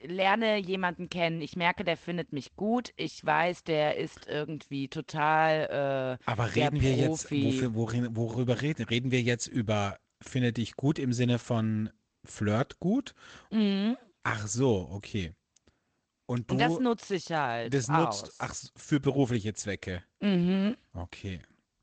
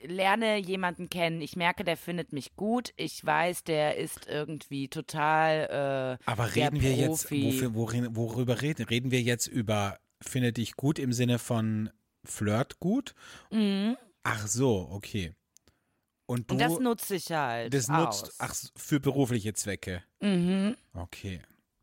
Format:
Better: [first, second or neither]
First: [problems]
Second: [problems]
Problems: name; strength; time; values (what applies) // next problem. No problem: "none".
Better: second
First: garbled, watery; slightly; nothing above 8 kHz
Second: none